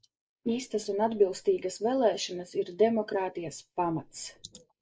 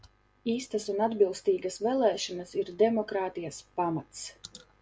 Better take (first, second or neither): second